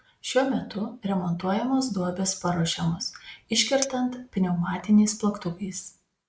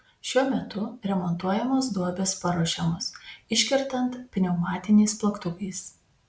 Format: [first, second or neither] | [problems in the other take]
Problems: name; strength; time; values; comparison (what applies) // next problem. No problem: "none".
second | noise reduction (neural mask model Resemble Enhance denoiser)